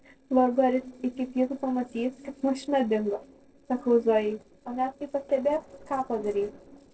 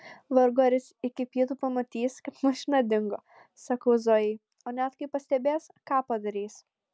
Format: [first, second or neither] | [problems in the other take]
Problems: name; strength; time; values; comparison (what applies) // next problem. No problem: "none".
second | noise reduction (neural separator model SepFormer DNS4)